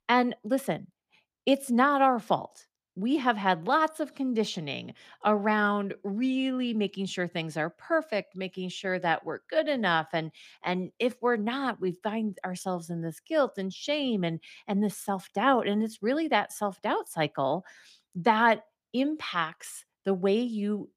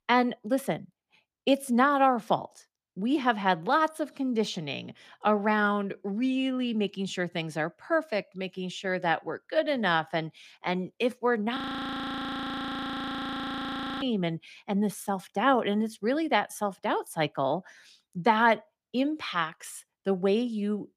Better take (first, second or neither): first